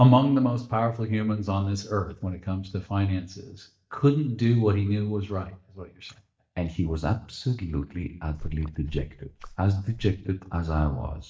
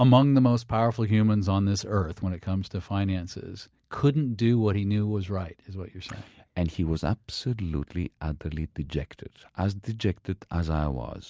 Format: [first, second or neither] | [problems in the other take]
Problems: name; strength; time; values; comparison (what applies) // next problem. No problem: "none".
second | noise reduction (neural mask model DeepFilterNet 3)